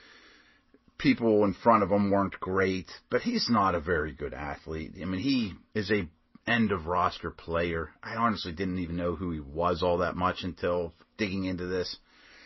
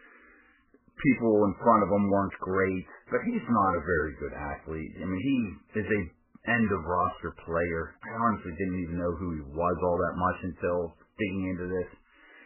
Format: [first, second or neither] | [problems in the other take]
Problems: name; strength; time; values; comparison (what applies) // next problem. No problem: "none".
first | garbled, watery; badly; nothing above 3 kHz; slightly in the first